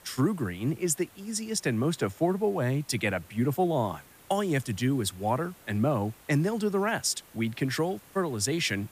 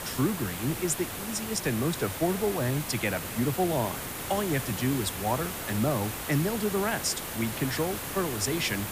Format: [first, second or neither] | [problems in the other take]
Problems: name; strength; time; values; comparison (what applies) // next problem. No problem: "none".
first | hiss; loud; throughout; 5 dB below the speech; faint in the first